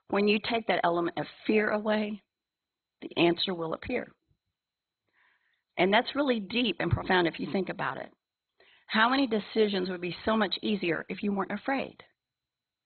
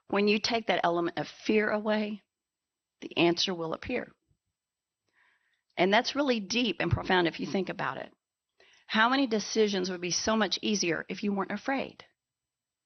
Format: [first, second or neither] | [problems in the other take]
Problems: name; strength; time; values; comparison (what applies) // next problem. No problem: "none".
second | garbled, watery; badly; nothing above 4 kHz; slightly in the second